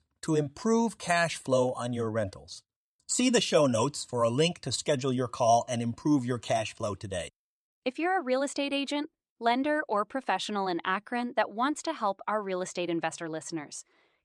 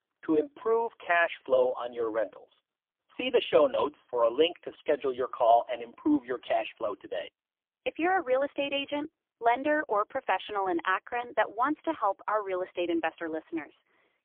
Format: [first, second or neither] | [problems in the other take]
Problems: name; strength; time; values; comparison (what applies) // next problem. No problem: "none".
first | phone-call audio; poor line; nothing above 3 kHz